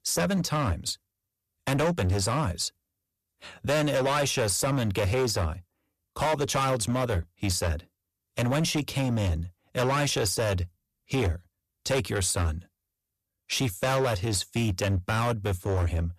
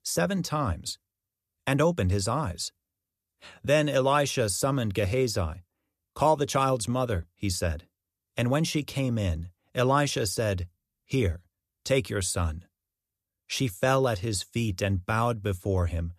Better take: second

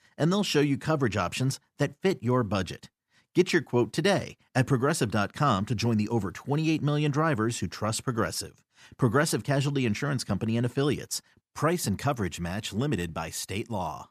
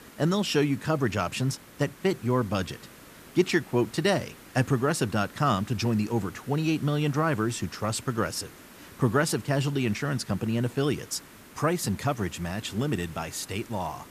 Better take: first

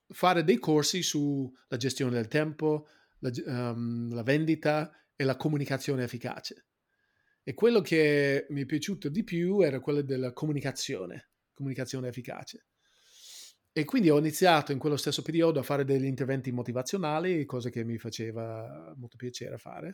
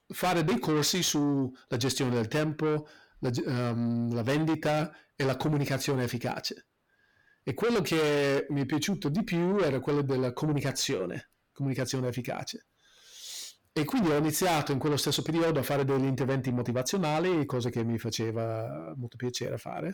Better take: first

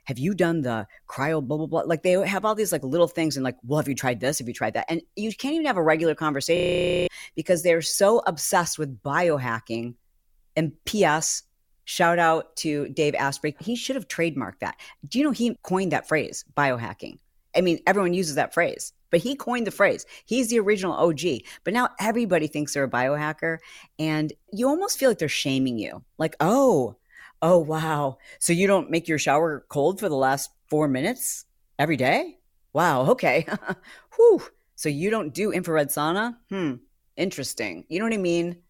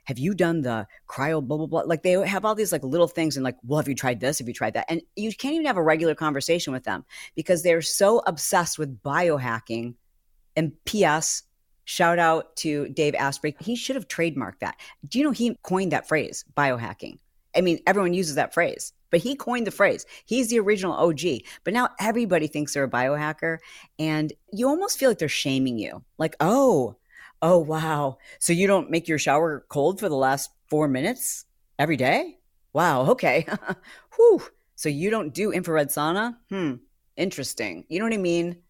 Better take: second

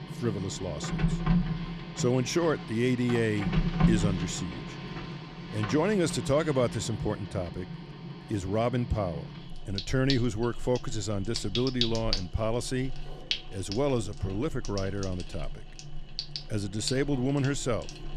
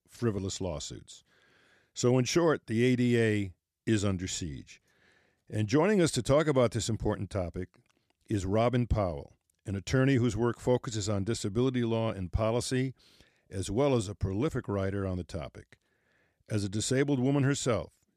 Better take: second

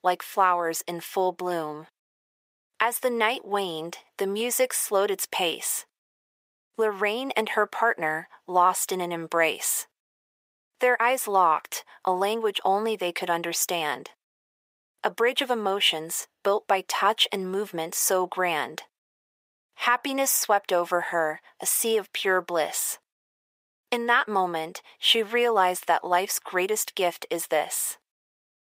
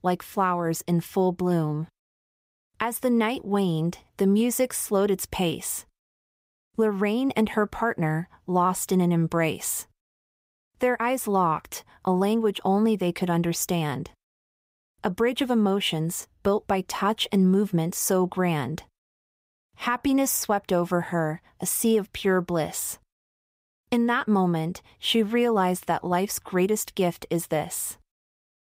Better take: second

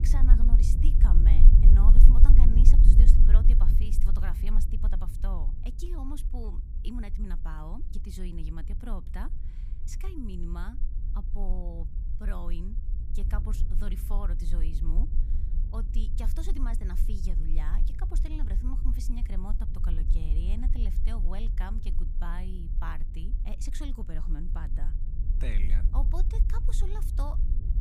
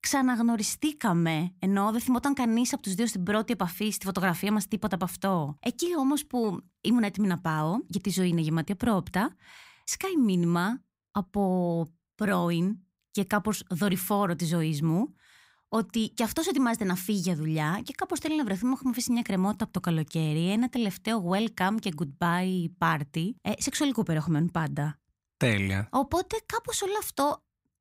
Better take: second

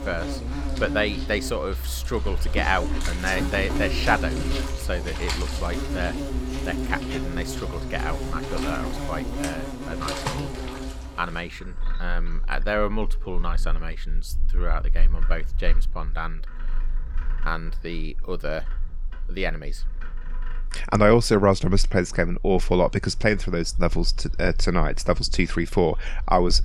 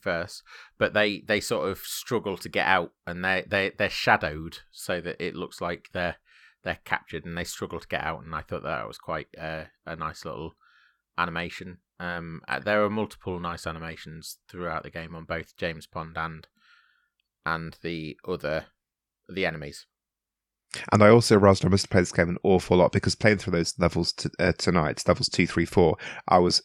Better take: second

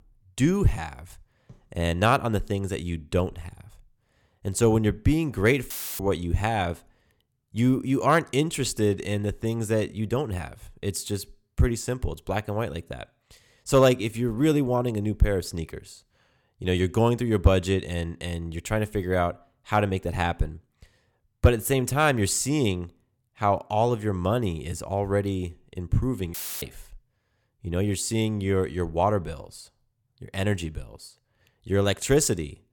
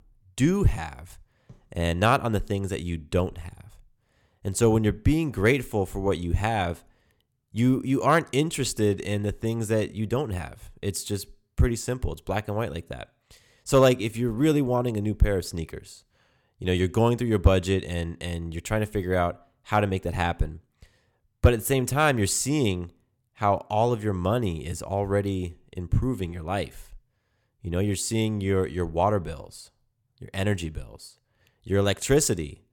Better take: second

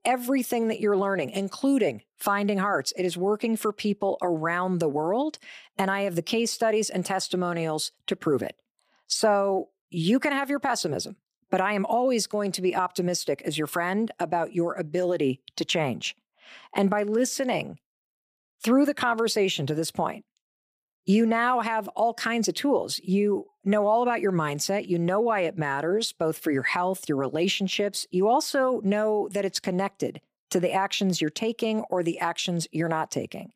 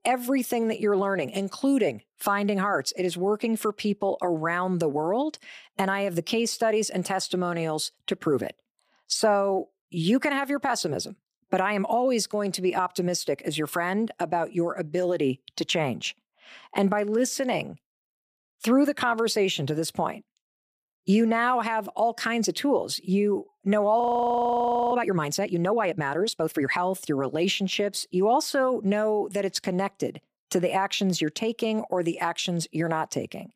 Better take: first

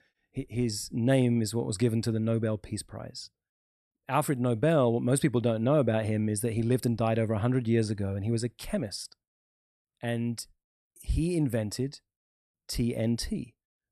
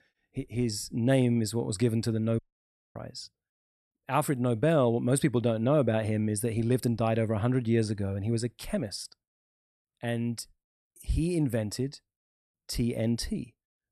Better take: first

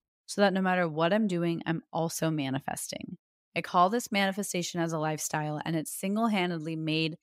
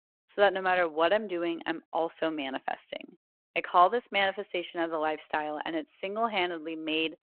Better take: first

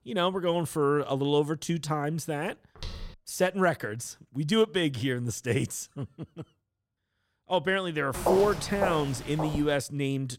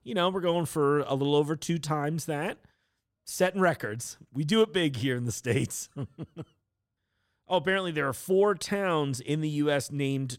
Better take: second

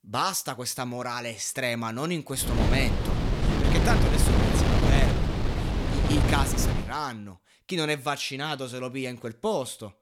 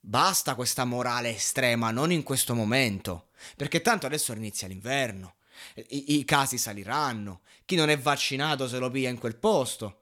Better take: second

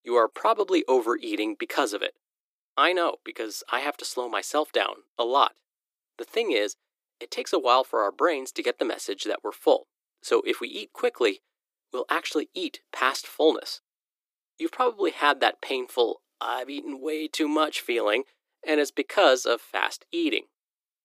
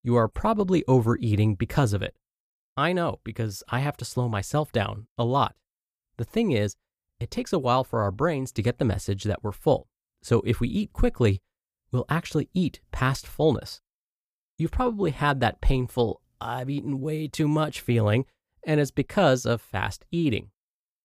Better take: second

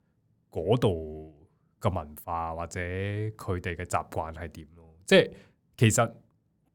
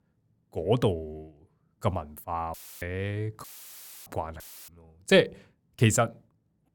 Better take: first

